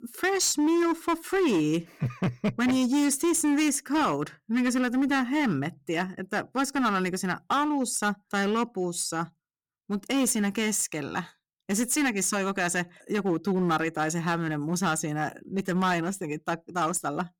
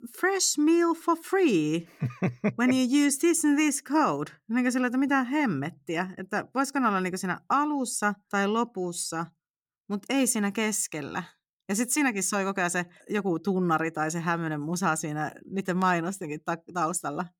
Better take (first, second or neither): second